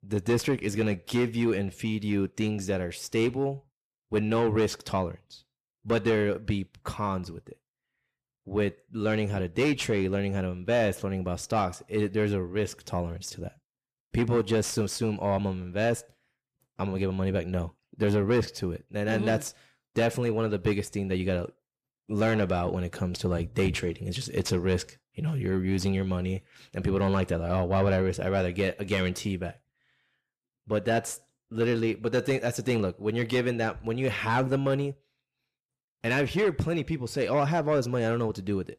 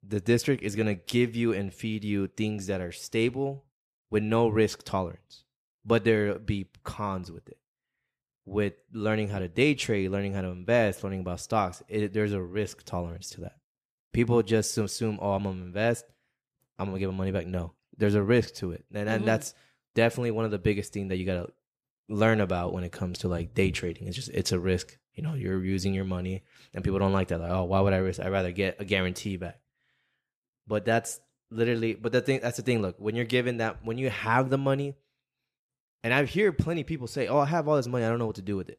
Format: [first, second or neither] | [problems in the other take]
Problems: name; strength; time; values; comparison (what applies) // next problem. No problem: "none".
second | distortion; slight; 10 dB below the speech